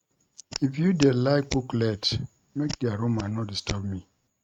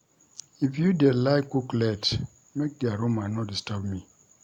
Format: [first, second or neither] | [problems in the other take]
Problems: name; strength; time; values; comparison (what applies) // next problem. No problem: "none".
second | noise reduction (neural mask model RNNoise)